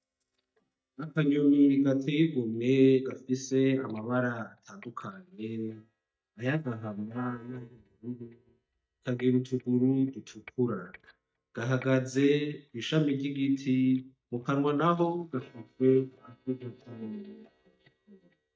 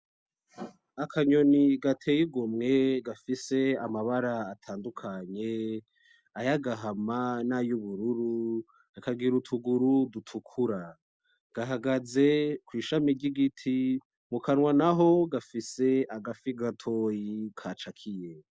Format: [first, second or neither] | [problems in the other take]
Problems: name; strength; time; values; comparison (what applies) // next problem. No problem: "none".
second | noise reduction (neural mask model DeepFilterNet 3)